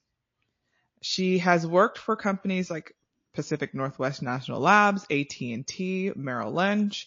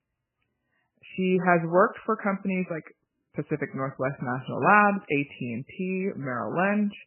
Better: first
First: garbled, watery; slightly; nothing above 7 kHz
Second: garbled, watery; badly; nothing above 2.5 kHz

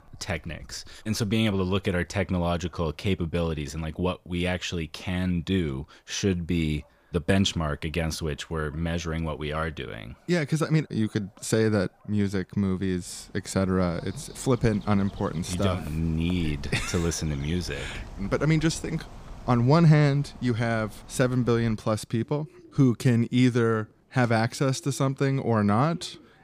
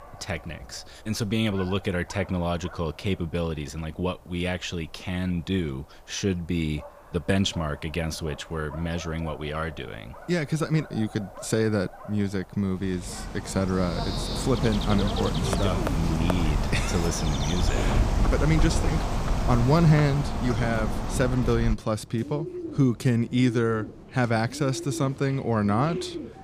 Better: first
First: animal sounds; faint; throughout; 20 dB below the speech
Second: animal sounds; loud; throughout; 3 dB below the speech

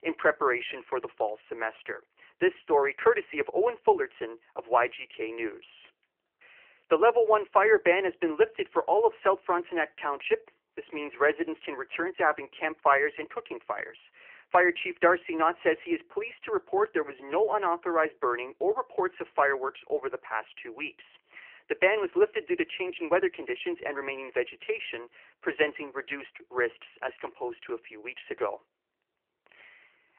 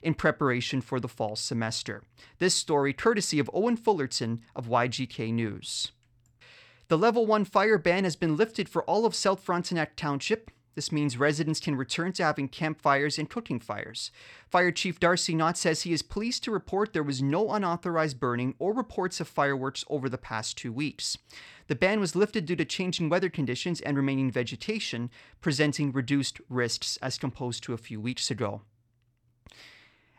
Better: second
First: phone-call audio; nothing above 3 kHz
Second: none

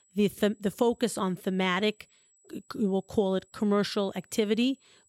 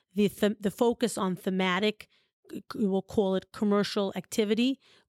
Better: second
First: high-pitched whine; faint; throughout; 8 kHz, 35 dB below the speech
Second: none

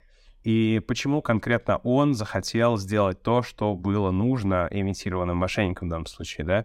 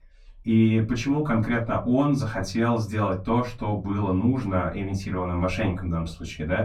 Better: first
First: none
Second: off-mic speech; far // room echo; very slight; dies away in 0.3 s

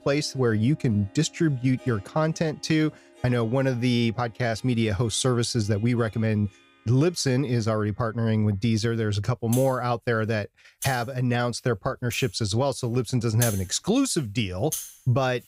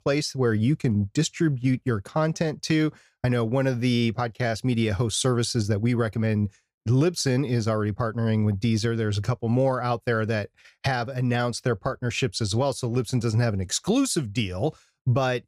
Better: second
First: background music; noticeable; throughout; 10 dB below the speech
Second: none

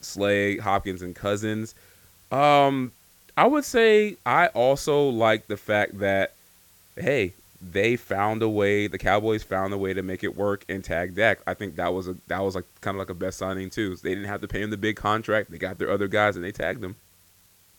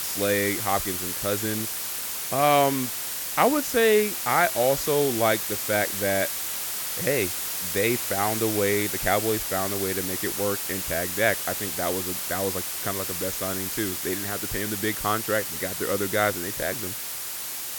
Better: first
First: hiss; faint; throughout; 30 dB below the speech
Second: hiss; loud; throughout; 2 dB below the speech

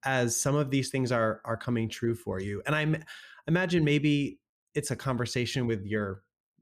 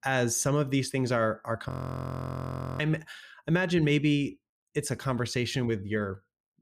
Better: first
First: none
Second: audio freezing; at 1.5 s for 1 s

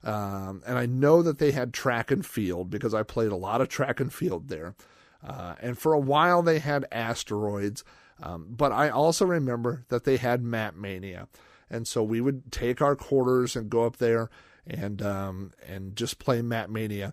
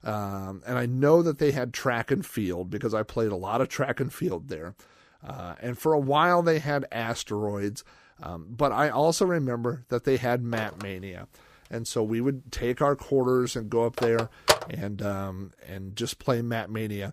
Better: first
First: none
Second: phone ringing; loud; at 14 s; peak 3 dB above the speech

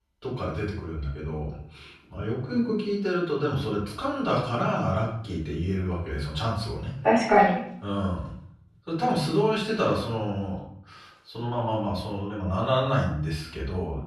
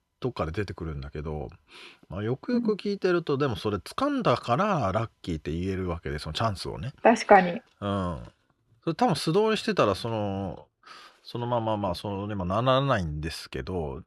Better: second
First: room echo; noticeable; dies away in 0.5 s // off-mic speech; far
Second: none

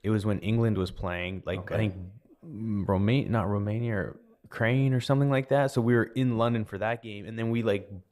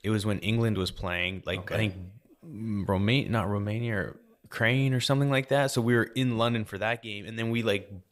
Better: second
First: muffled; slightly; fading above 2 kHz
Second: none

